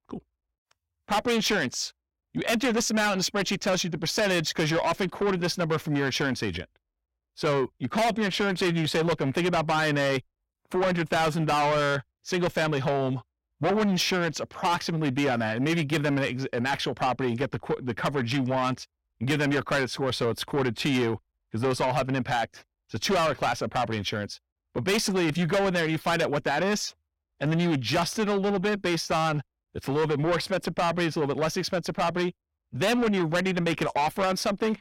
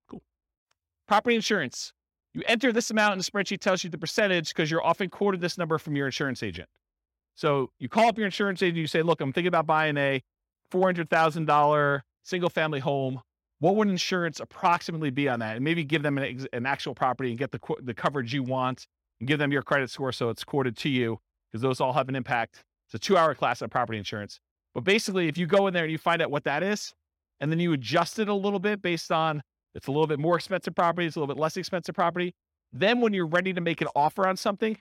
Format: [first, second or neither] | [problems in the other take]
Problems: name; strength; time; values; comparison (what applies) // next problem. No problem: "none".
second | distortion; heavy; 6 dB below the speech